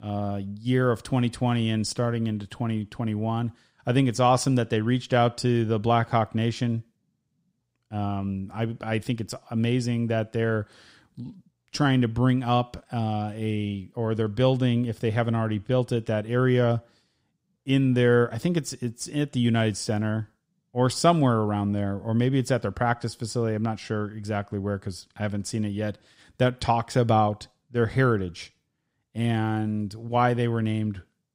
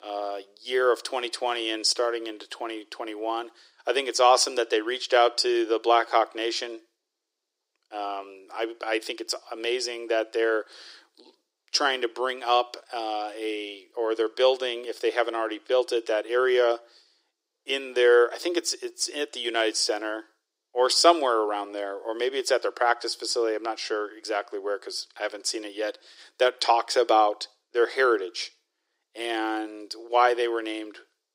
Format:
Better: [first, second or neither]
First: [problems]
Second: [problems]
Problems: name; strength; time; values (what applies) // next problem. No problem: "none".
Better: first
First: none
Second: thin; very; fading below 350 Hz